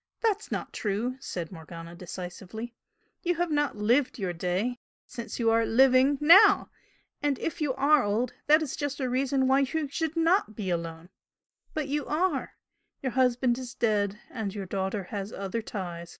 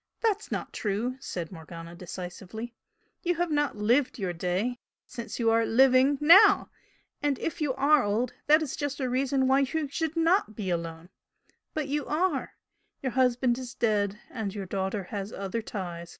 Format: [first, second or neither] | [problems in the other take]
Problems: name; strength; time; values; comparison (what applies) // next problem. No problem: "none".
second | noise reduction (neural mask model Resemble Enhance denoiser)